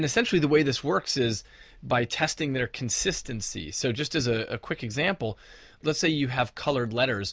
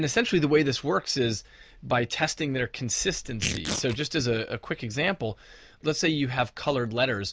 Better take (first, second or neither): first